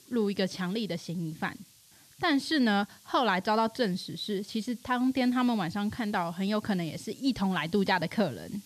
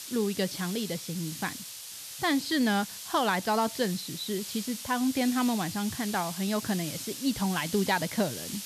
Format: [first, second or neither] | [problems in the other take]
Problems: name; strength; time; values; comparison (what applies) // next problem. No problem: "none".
first | hiss; loud; throughout; 8 dB below the speech; faint in the first